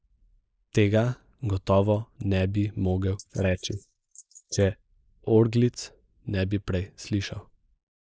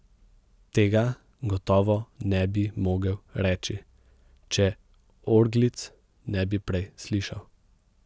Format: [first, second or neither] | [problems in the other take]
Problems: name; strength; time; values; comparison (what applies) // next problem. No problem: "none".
second | noise reduction (neural mask model Resemble Enhance denoiser)